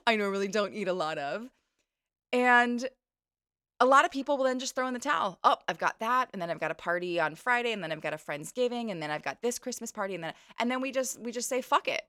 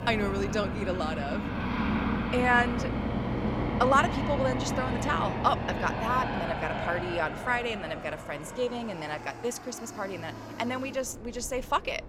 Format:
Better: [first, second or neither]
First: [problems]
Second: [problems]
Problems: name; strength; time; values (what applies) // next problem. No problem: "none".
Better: first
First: none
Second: train or aircraft noise; loud; throughout; 2 dB below the speech